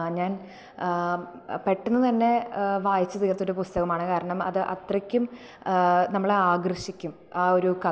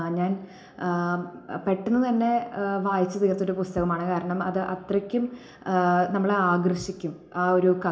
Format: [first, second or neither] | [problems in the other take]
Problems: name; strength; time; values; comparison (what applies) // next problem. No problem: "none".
first | room echo; dies away in 0.4 s